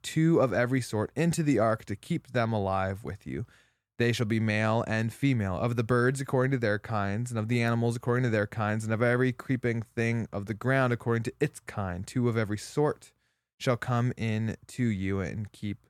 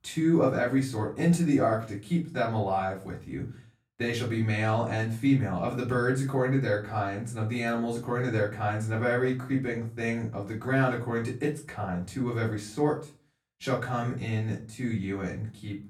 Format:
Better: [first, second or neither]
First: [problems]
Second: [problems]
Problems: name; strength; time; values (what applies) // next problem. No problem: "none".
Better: first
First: none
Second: off-mic speech; far // room echo; slight; dies away in 0.3 s